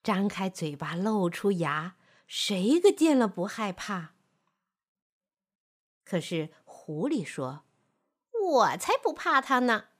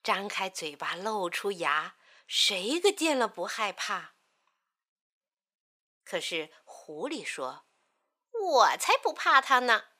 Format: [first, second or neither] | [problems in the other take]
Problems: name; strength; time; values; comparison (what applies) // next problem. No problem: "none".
first | thin; somewhat; fading below 550 Hz